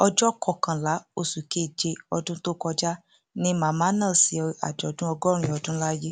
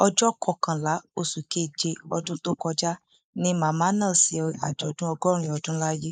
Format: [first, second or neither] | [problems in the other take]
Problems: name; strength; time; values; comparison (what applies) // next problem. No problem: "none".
first | noise reduction (neural mask model Resemble Enhance denoiser)